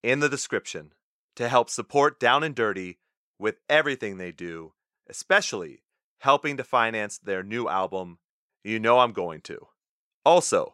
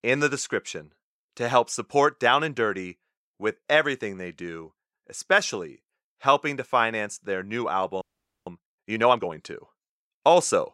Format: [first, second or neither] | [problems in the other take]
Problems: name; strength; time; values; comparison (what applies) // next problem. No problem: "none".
first | audio freezing; at 8 s